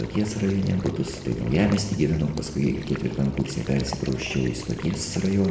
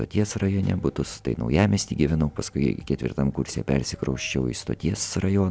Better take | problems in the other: second | background sound (Water / Liquid); 14 dB below the speech // room echo; dies away in 1 s

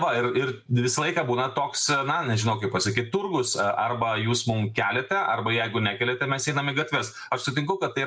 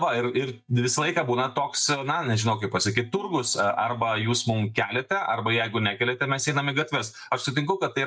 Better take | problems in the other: first | noise reduction (neural mask model DeepFilterNet 3)

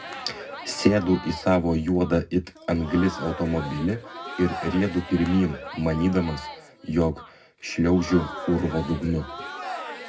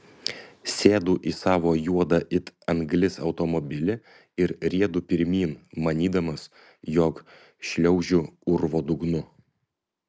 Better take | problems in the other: second | background sound (Crowd); 12 dB below the speech // room echo; dies away in 0.4 s

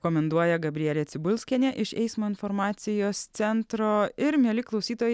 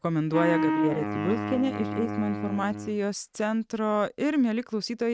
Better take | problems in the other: first | noise reduction (neural mask model RNNoise)

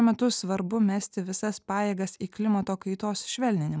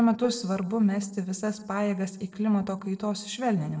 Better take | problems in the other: first | noise reduction (neural separator model SepFormer DNS4)

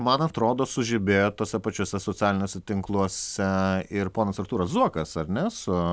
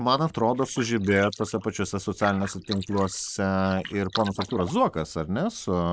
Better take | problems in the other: first | noise reduction (neural mask model Resemble Enhance denoiser)

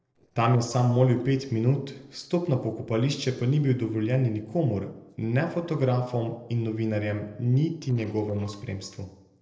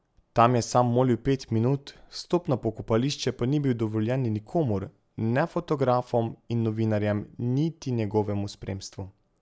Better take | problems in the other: second | noise reduction (neural separator model SepFormer DNS4)

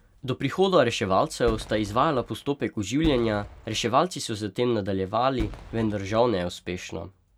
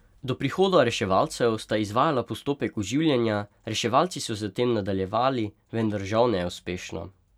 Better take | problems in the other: second | background sound (Fireworks); 13 dB below the speech

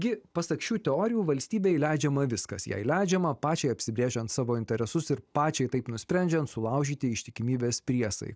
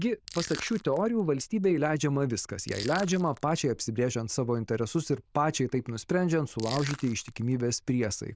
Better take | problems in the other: first | noise reduction (neural diffusion model UNIVERSE++)

